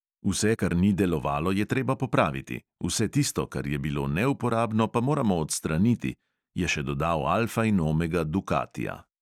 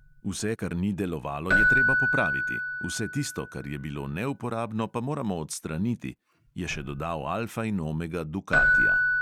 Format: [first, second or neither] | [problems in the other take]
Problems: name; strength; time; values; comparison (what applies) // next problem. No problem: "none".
first | background sound (Keyboard (musical)); 2 dB above the speech